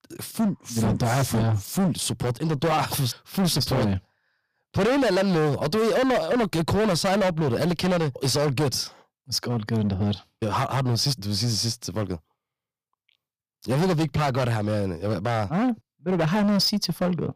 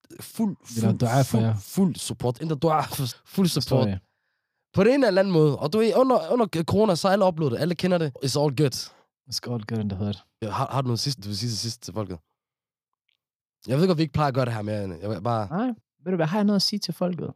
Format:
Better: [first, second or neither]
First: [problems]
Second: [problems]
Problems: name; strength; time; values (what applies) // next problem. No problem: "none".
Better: second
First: distortion; heavy; 19% of the sound clipped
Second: none